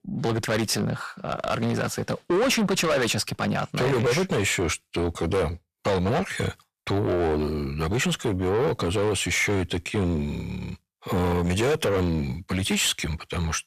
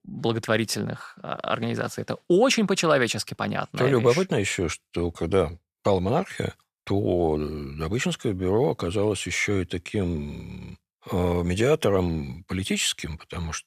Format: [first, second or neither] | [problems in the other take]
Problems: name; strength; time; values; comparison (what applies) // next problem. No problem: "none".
second | distortion; heavy; 6 dB below the speech